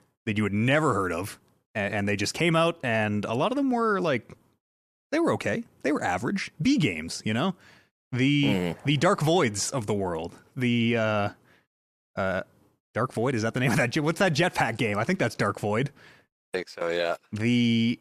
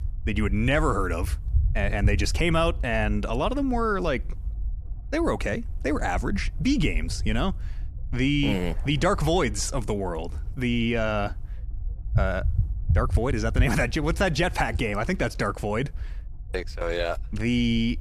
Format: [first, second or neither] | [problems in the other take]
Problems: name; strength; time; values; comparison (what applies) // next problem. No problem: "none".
first | low rumble; faint; throughout; 20 dB below the speech